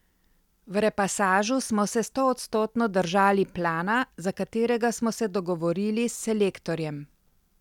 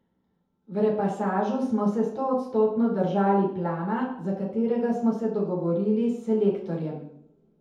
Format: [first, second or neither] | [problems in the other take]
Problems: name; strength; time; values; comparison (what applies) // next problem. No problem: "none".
first | room echo; dies away in 0.8 s